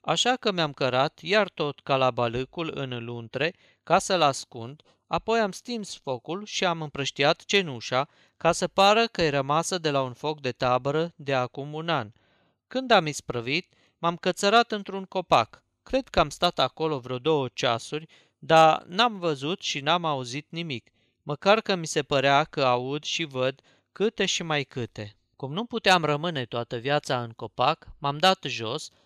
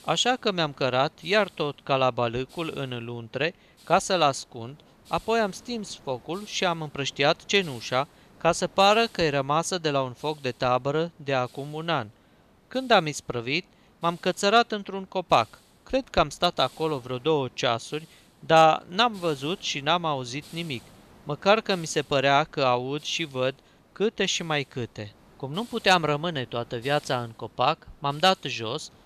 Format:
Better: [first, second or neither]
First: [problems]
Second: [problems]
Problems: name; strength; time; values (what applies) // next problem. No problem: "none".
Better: first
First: none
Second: hiss; faint; throughout; 25 dB below the speech